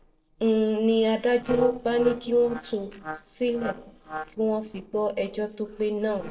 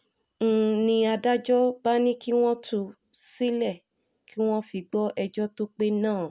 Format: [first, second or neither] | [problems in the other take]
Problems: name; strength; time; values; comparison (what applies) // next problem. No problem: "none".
second | noise reduction (neural separator model SepFormer DNS4)